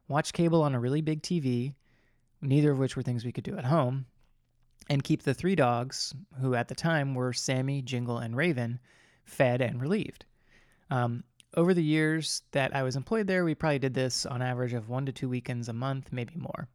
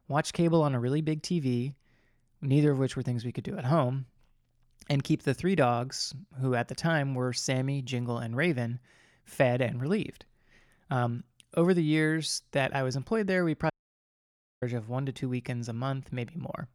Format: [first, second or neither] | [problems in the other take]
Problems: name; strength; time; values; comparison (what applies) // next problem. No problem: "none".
first | audio cutting out; at 14 s for 1 s